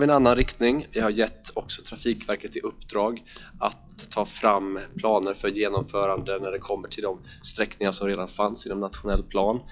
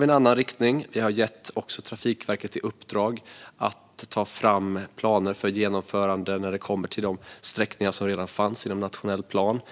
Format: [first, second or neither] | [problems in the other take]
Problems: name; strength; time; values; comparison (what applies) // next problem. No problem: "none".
second | noise reduction (classical method log-MMSE)